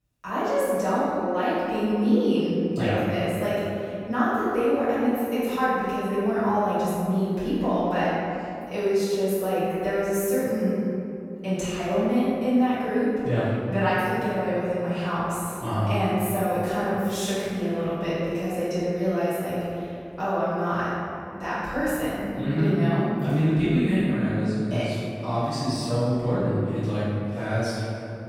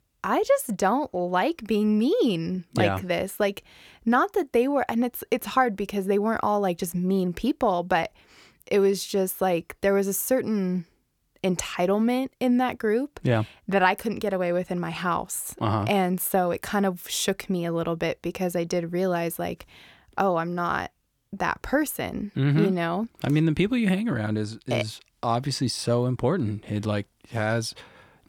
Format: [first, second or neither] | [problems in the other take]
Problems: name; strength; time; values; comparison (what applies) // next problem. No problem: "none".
second | off-mic speech; far // room echo; strong; dies away in 2.5 s